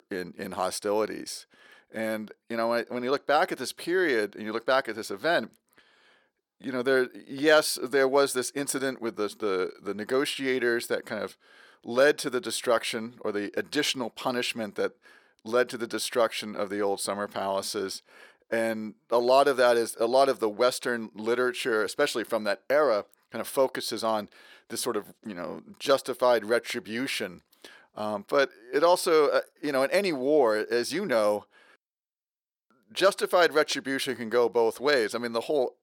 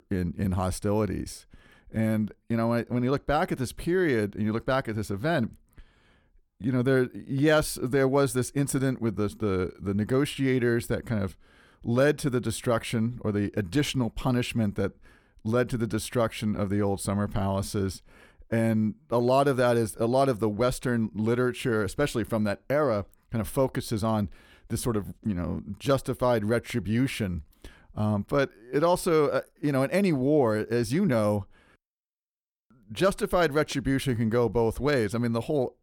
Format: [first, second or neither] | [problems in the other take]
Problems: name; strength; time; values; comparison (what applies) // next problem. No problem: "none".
second | thin; somewhat; fading below 450 Hz